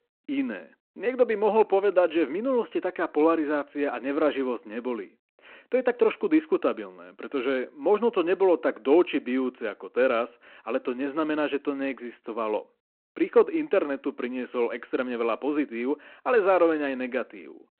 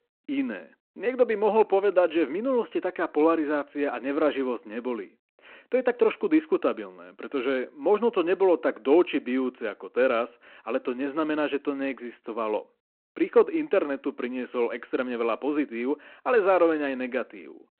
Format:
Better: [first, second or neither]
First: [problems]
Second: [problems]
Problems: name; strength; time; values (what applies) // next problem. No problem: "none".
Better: neither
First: phone-call audio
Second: phone-call audio